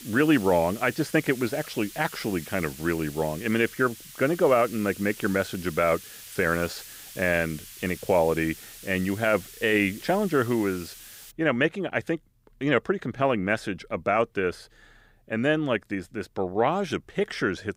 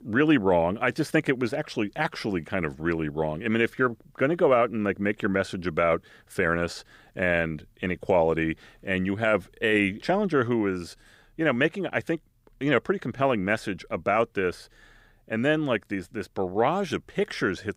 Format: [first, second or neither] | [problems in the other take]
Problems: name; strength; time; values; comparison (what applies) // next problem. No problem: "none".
second | hiss; noticeable; until 11 s; 15 dB below the speech